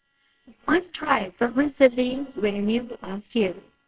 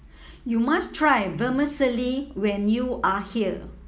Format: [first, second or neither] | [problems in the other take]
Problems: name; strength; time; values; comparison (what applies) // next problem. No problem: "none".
second | noise reduction (neural separator model SepFormer WHAMR!)